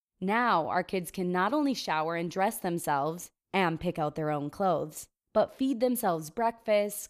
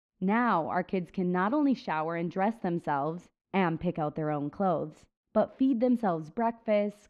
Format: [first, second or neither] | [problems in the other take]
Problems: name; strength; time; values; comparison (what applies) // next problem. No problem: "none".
first | muffled; slightly; fading above 2.5 kHz